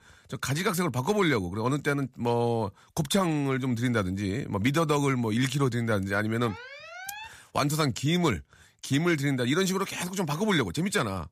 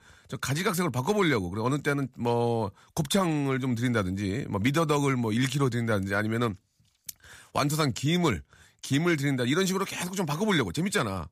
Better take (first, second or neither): second